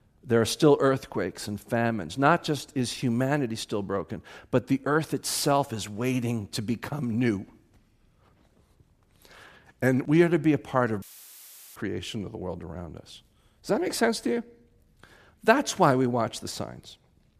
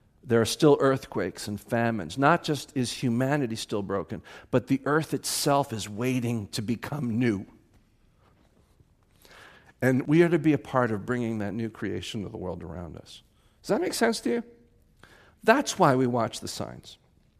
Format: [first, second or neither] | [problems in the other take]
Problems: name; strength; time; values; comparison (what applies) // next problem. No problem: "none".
second | audio cutting out; filled with static; at 11 s for 0.5 s